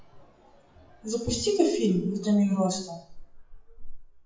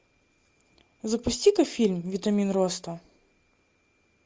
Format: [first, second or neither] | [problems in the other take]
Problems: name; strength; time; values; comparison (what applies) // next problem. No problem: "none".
second | noise reduction (classical method WPE with log-MMSE)